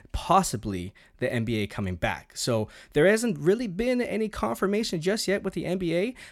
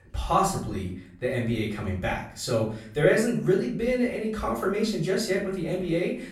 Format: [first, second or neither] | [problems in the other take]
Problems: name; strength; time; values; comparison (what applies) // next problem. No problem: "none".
first | off-mic speech; far // room echo; slight; dies away in 0.5 s